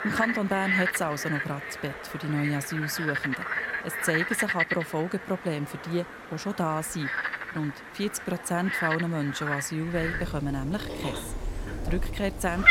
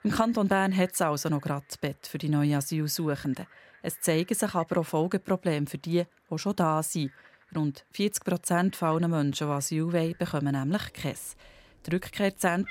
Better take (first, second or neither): second